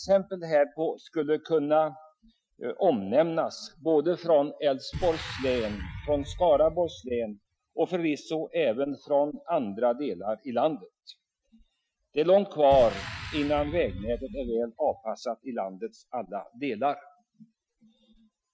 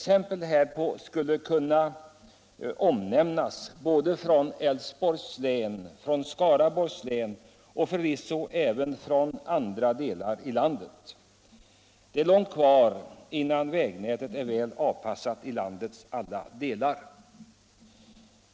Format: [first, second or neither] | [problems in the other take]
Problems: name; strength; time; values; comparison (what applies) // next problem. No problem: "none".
second | noise reduction (classical method Wiener filter)